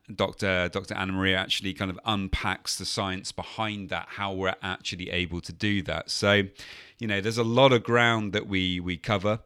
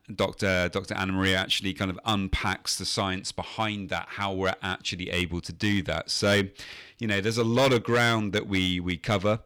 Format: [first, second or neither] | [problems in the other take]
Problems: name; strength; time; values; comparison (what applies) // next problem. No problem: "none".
first | distortion; slight; 3% of the sound clipped